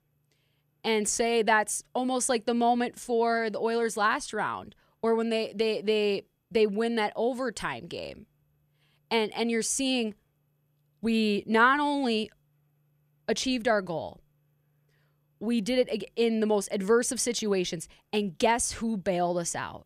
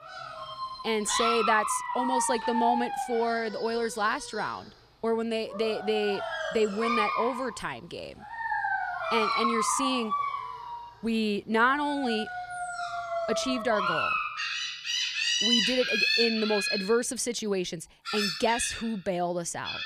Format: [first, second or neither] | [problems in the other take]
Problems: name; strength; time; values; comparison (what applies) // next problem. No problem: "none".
first | animal sounds; loud; throughout; as loud as the speech